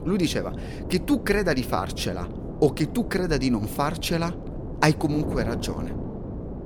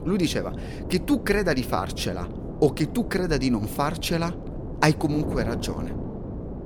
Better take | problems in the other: neither | wind noise on the microphone; occasional gusts; 10 dB below the speech; the same in both

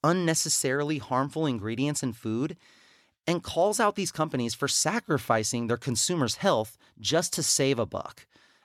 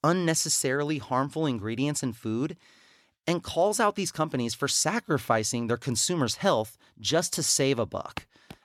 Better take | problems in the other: first | footsteps; very faint; at 8 s; peak 15 dB below the speech

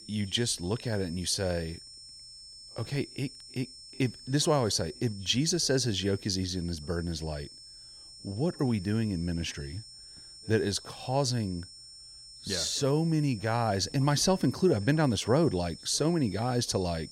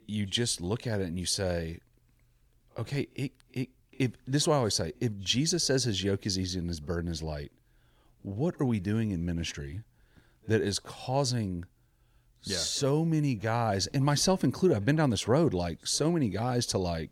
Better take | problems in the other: second | high-pitched whine; noticeable; throughout; 5.5 kHz, 15 dB below the speech

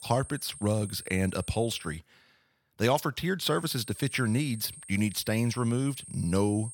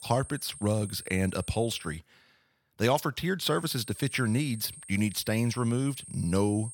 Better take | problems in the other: neither | high-pitched whine; noticeable; until 2 s and from 3.5 s on; 8.5 kHz, 15 dB below the speech; the same in both

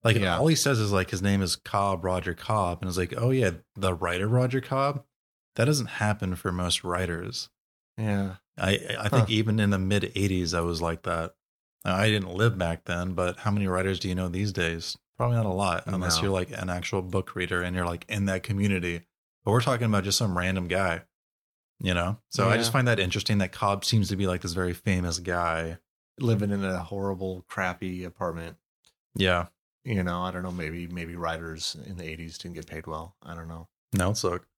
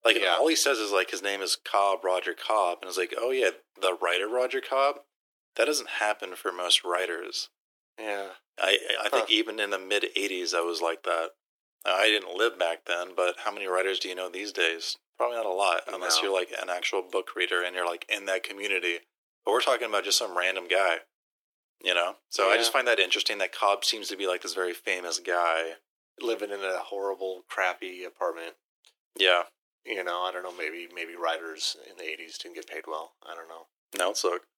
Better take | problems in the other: first | thin; very; fading below 300 Hz

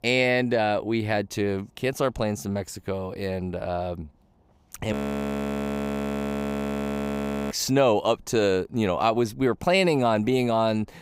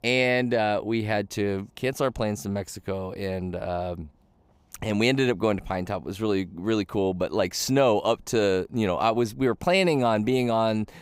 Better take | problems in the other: second | audio freezing; at 5 s for 2.5 s

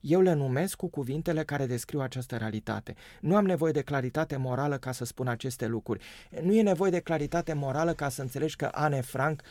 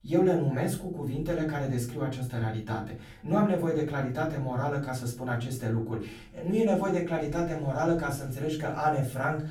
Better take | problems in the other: first | room echo; slight; dies away in 0.4 s // off-mic speech; far

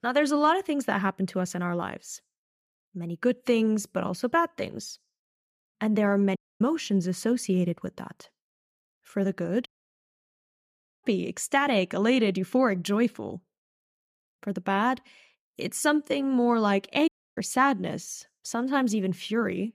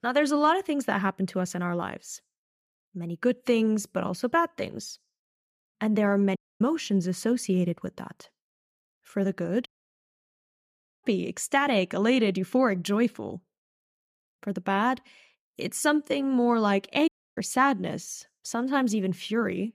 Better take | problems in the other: neither | audio cutting out; at 6.5 s, at 9.5 s for 1.5 s and at 17 s; the same in both

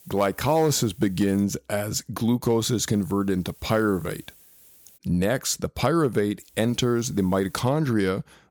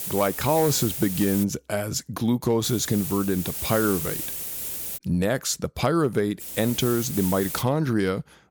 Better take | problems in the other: first | hiss; loud; until 1.5 s, from 2.5 to 5 s and from 6.5 to 7.5 s; 5 dB below the speech; faint in the first

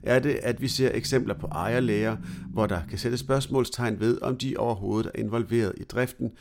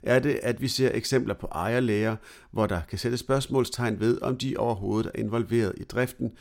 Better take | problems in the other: second | low rumble; faint; until 3.5 s; 20 dB below the speech

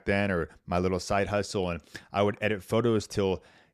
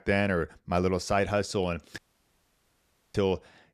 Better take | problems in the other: first | audio cutting out; at 2 s for 1 s

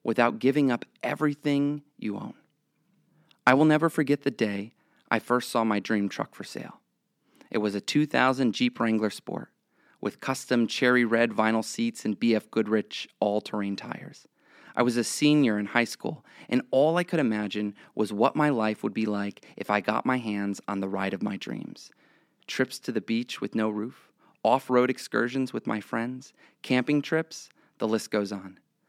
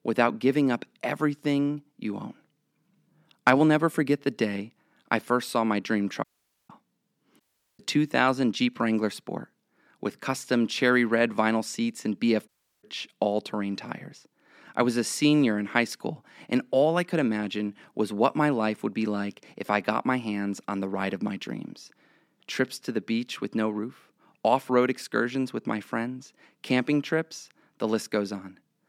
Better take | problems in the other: first | audio cutting out; at 6 s, at 7.5 s and at 12 s

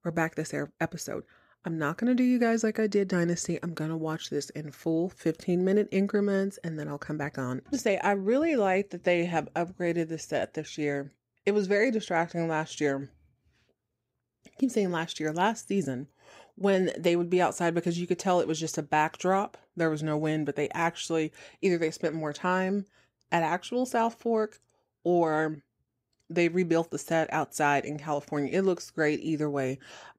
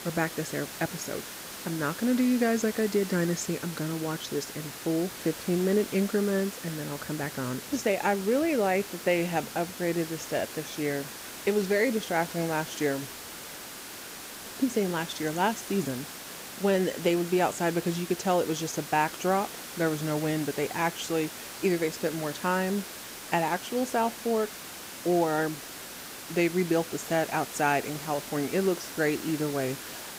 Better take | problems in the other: first | hiss; loud; throughout; 10 dB below the speech

